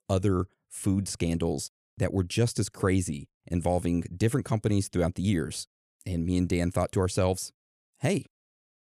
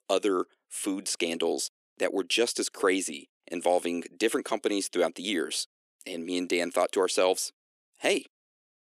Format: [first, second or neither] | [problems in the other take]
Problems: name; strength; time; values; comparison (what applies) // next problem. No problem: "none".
first | thin; somewhat; fading below 300 Hz